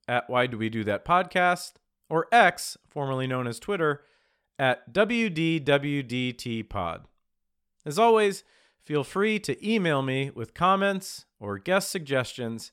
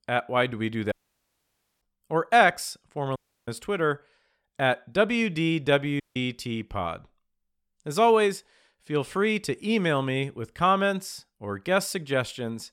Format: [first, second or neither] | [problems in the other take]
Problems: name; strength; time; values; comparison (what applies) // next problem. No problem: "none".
first | audio cutting out; at 1 s for 1 s, at 3 s and at 6 s